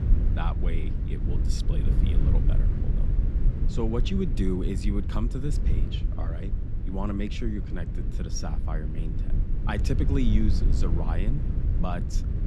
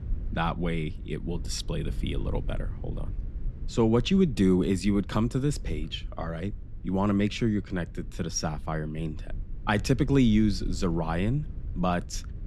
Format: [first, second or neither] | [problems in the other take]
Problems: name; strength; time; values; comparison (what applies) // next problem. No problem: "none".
second | low rumble; loud; throughout; 5 dB below the speech; faint in the second